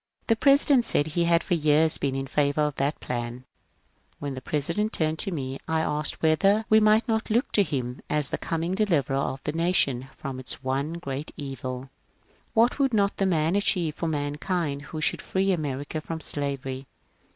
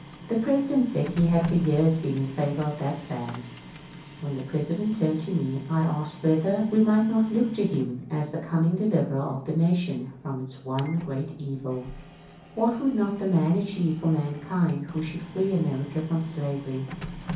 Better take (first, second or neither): first